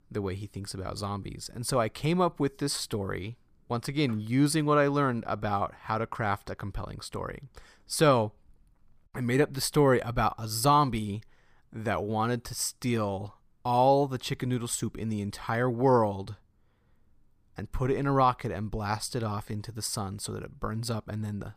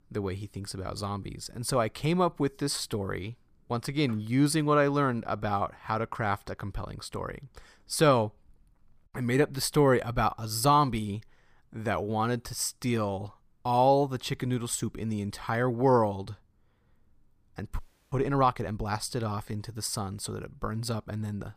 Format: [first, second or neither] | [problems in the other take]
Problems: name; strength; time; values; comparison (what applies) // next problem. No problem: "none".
first | audio freezing; at 18 s